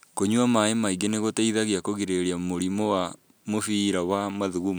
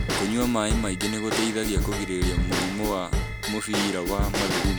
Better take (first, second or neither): first